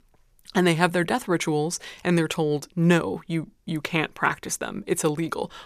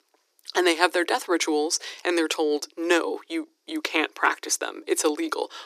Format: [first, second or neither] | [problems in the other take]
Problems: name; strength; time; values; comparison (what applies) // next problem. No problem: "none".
first | thin; very; fading below 300 Hz